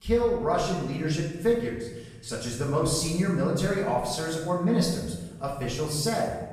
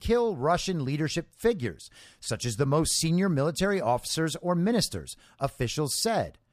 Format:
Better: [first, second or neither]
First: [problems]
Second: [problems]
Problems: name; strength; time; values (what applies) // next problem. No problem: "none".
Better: second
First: off-mic speech; far // room echo; noticeable; dies away in 1 s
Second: none